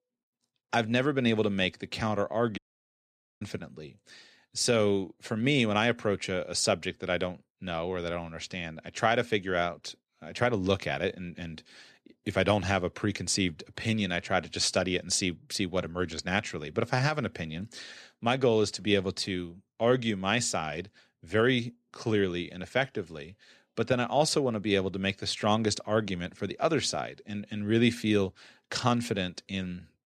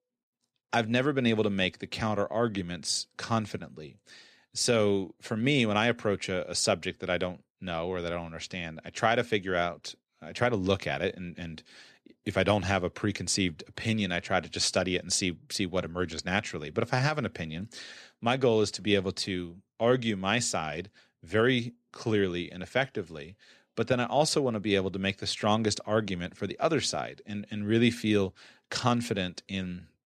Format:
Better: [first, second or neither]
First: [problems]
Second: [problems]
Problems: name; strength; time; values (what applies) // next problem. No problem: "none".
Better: second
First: audio cutting out; at 2.5 s for 1 s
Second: none